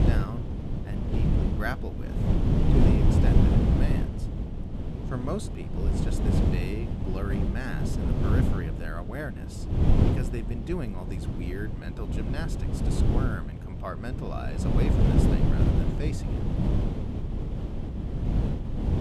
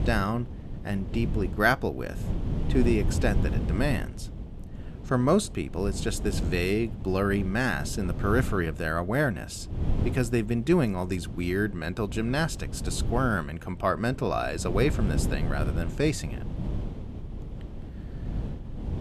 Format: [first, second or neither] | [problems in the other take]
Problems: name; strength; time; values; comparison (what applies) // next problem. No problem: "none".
second | wind noise on the microphone; heavy; 3 dB above the speech; occasional gusts in the second